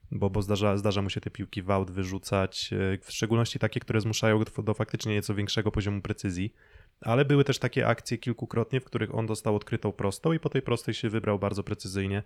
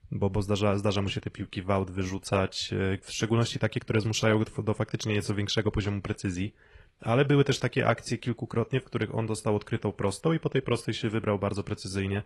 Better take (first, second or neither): first